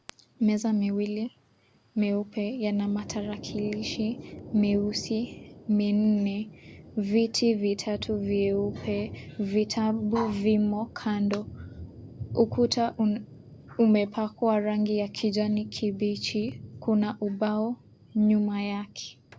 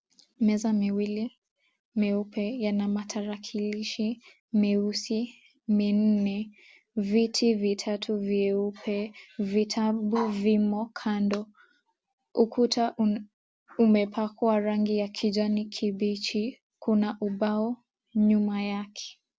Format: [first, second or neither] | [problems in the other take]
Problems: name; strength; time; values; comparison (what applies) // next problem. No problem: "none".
second | background sound (Thunder); 16 dB below the speech